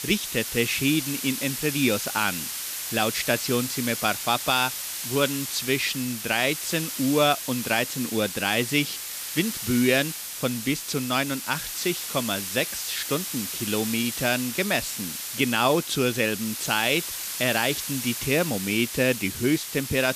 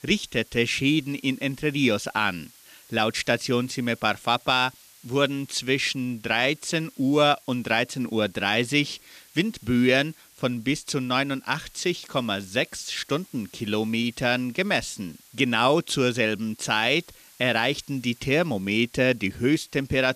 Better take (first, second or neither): second